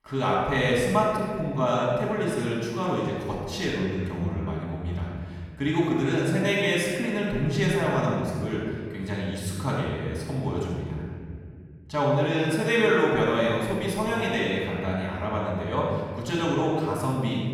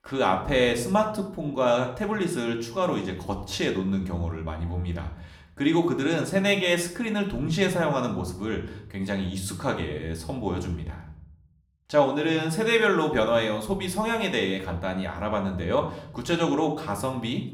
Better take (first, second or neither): second